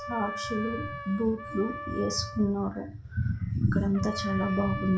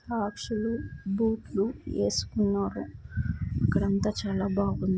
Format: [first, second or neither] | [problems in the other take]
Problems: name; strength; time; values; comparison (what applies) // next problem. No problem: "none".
second | background sound (Trumpet); 10 dB below the speech // room echo; dies away in 0.3 s